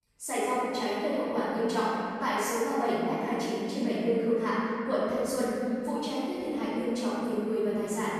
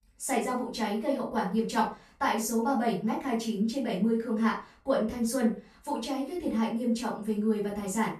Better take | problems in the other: second | room echo; strong; dies away in 2.4 s; slight in the second // off-mic speech; far; far in the second

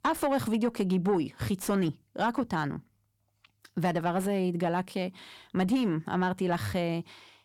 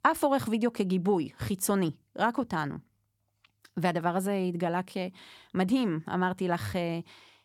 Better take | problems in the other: second | distortion; slight; 10 dB below the speech

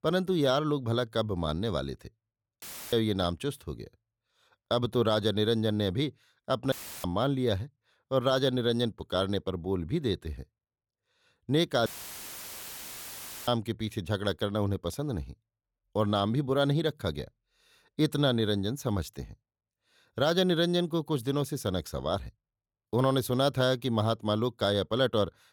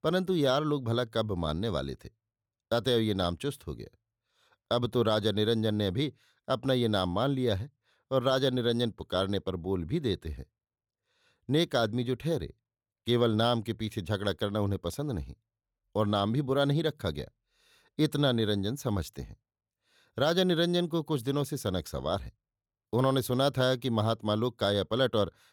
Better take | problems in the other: second | audio cutting out; filled with static; at 2.5 s, at 6.5 s and at 12 s for 1.5 s

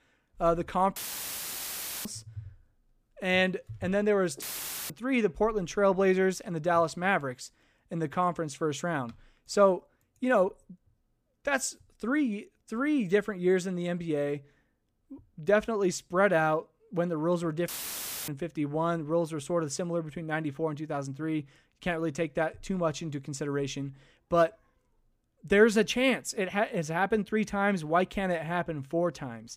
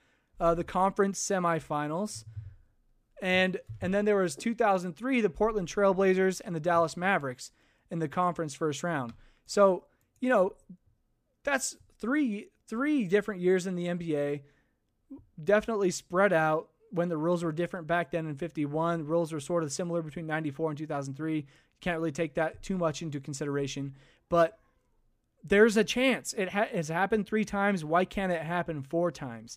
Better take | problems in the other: second | audio cutting out; filled with static; at 1 s for 1 s, at 4.5 s and at 18 s for 0.5 s

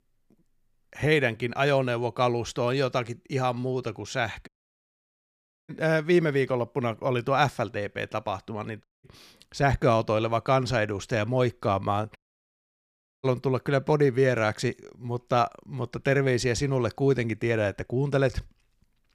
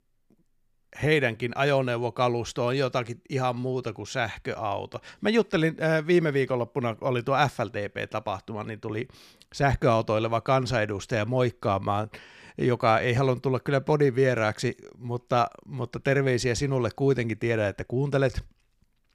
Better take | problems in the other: second | audio cutting out; at 4.5 s for 1 s, at 9 s and at 12 s for 1 s

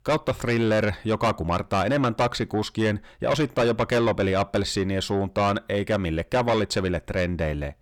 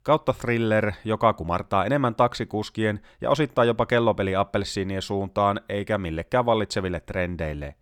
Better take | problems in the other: second | distortion; heavy; 8 dB below the speech

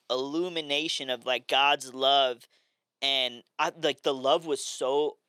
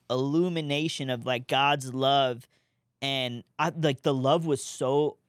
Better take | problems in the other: second | thin; somewhat; fading below 450 Hz

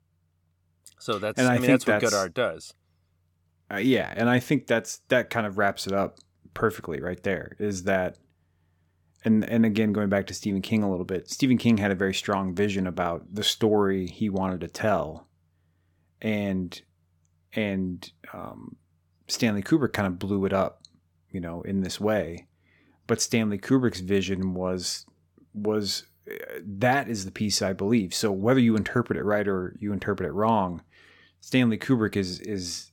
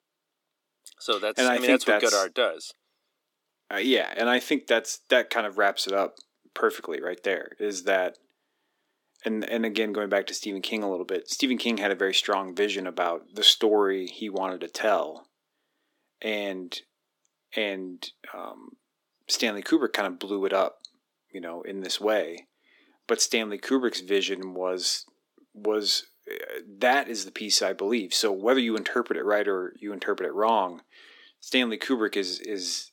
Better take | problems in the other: first | thin; somewhat; fading below 300 Hz

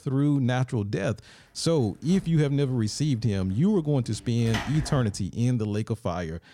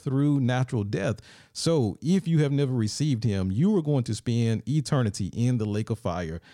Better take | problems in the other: second | door banging; noticeable; from 2 to 5 s; peak 7 dB below the speech

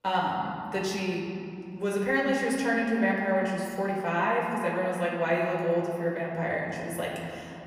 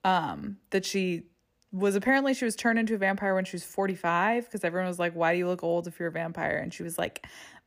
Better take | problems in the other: second | room echo; noticeable; dies away in 2.6 s // off-mic speech; far

